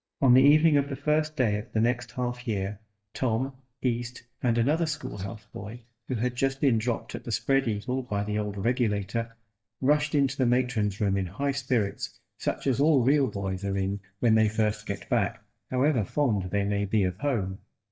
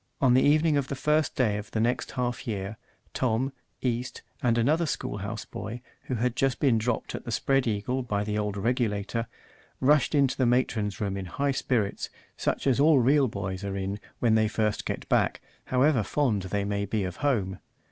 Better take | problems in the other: second | noise reduction (neural mask model DeepFilterNet 3)

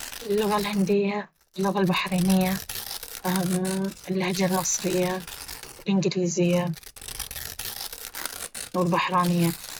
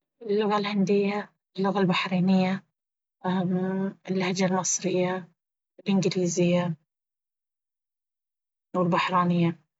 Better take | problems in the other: second | background sound (Tearing); 12 dB below the speech

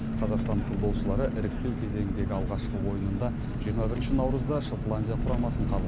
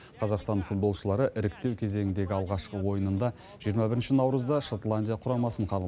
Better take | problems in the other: second | background sound (Engine); 2 dB above the speech

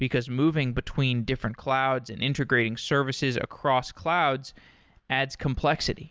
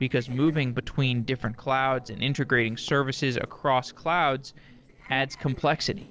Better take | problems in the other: first | noise reduction (neural separator model SepFormer DNS4)

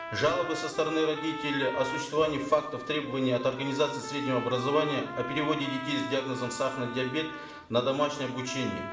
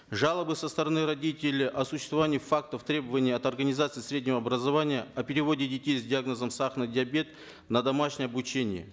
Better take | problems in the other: second | background sound (Trumpet); 9 dB below the speech // room echo; dies away in 0.9 s

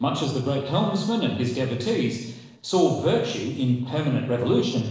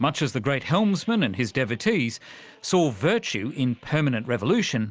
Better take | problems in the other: second | noise reduction (neural separator model SepFormer DNS4)

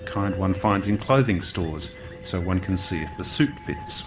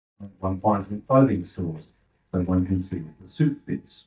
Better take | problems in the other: first | noise reduction (neural mask model DeepFilterNet 3)

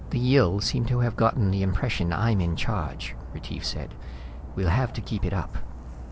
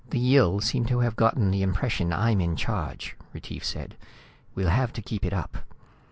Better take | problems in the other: second | background sound (Dog); 12 dB below the speech

